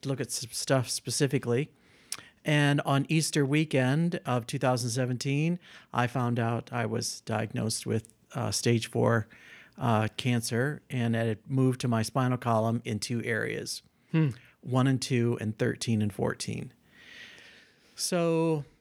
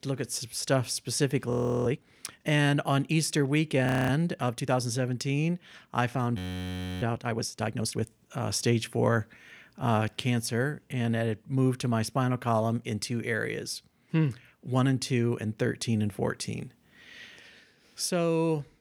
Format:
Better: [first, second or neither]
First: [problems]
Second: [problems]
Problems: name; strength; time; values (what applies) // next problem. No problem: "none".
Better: first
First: none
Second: audio freezing; at 1.5 s, at 4 s and at 6.5 s for 0.5 s